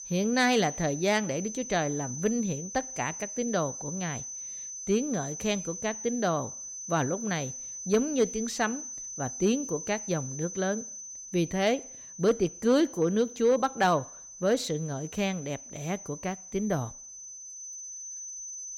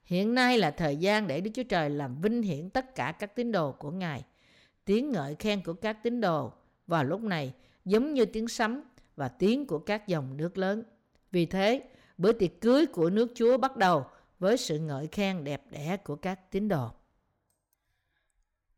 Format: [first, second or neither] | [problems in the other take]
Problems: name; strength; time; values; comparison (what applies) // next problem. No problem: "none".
second | high-pitched whine; loud; throughout; 6 kHz, 9 dB below the speech